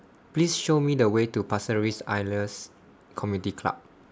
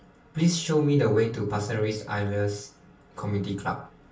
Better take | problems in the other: first | room echo; dies away in 0.4 s

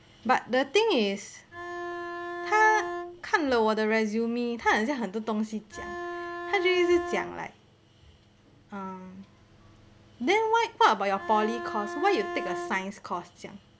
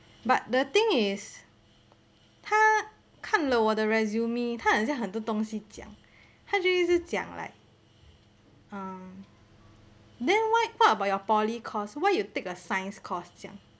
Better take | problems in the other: second | background sound (Bowed string instrument); 7 dB below the speech

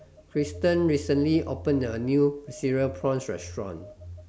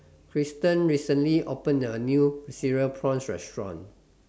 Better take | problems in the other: second | background sound (Telephone); 16 dB below the speech

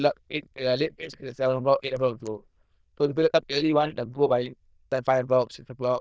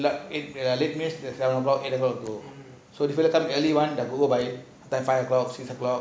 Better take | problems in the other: second | noise reduction (neural diffusion model UNIVERSE++)

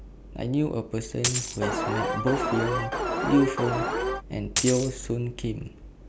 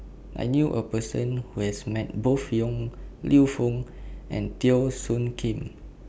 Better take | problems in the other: second | background sound (Coin (dropping) + Alarm); as loud as the speech

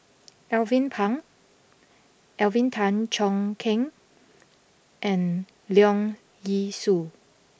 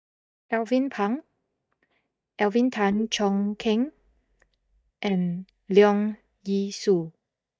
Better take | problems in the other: first | noise reduction (neural mask model DeepFilterNet 3)

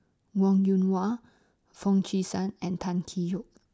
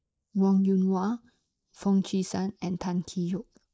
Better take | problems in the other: first | noise reduction (neural mask model Resemble Enhance denoiser)

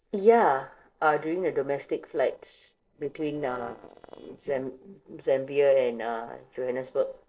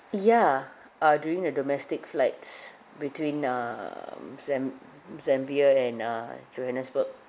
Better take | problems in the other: second | noise reduction (neural separator model SepFormer DNS4)

